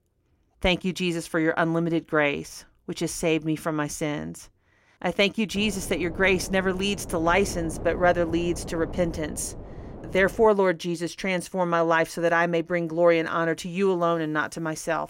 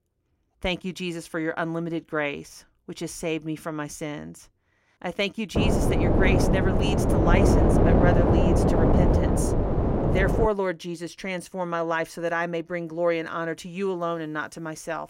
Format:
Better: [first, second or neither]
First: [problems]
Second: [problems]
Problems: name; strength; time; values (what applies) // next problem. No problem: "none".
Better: first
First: wind noise on the microphone; occasional gusts; from 5.5 to 10 s; 15 dB below the speech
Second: wind noise on the microphone; heavy; from 5.5 to 10 s; 3 dB above the speech